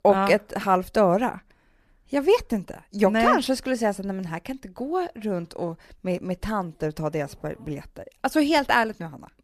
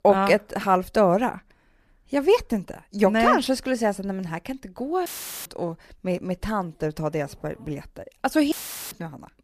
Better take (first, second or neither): first